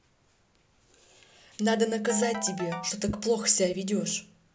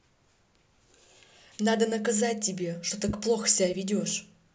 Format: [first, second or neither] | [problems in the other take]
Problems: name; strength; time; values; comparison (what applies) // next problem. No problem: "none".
second | background sound (Ringtone / Keyboard (musical)); 12 dB below the speech